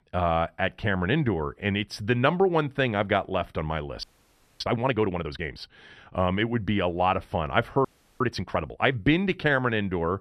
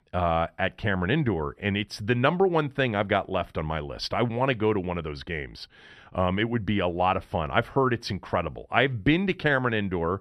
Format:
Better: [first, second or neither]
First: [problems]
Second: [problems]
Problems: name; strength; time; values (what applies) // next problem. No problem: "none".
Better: second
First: audio freezing; at 4 s for 0.5 s and at 8 s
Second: none